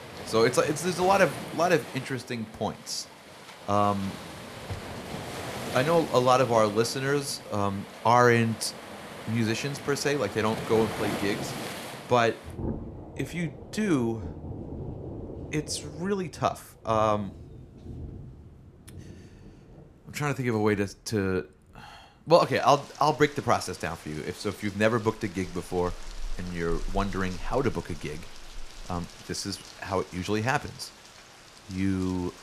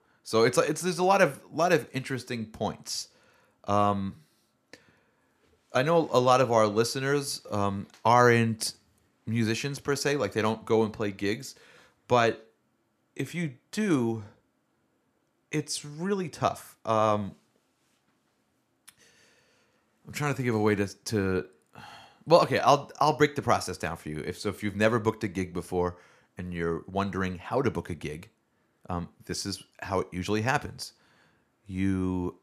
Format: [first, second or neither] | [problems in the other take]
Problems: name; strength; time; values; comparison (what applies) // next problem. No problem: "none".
second | rain or running water; noticeable; throughout; 15 dB below the speech